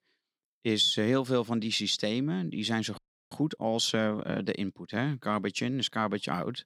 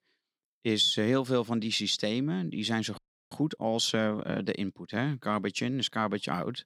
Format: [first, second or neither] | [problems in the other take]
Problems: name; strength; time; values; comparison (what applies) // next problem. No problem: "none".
neither | audio freezing; at 3 s; the same in both